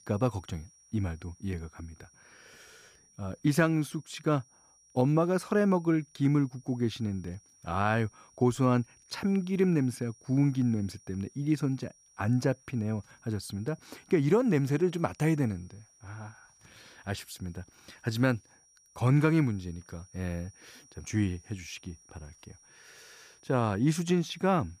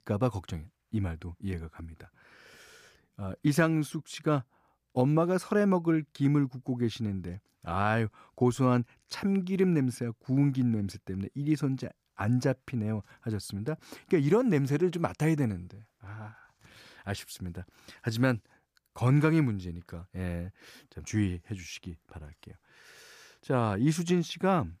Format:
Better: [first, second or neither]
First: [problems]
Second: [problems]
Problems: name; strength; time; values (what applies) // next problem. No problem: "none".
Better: second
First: high-pitched whine; faint; throughout; 5.5 kHz, 30 dB below the speech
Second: none